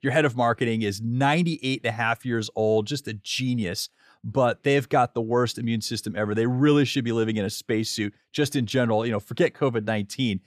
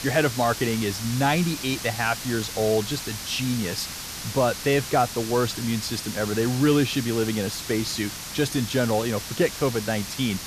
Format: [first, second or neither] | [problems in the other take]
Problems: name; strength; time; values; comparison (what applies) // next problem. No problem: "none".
first | hiss; loud; throughout; 7 dB below the speech